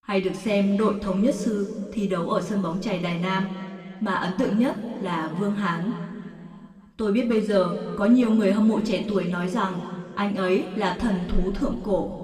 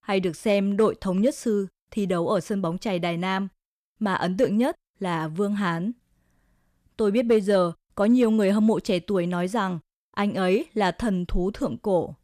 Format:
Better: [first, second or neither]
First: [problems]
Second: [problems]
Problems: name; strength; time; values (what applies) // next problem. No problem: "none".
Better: second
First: room echo; slight; dies away in 2.4 s // off-mic speech; somewhat distant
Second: none